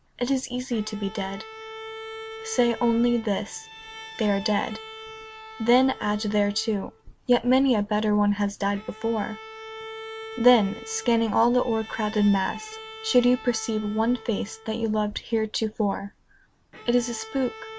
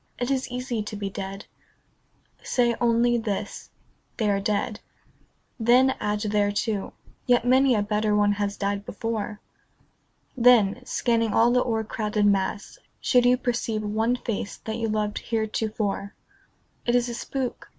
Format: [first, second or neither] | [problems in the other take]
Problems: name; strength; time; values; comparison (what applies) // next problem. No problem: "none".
second | background sound (Bowed string instrument); 16 dB below the speech